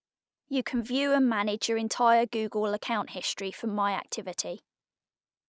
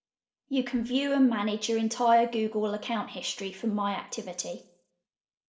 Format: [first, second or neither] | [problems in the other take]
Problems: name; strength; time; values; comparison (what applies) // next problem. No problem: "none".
first | room echo; dies away in 0.4 s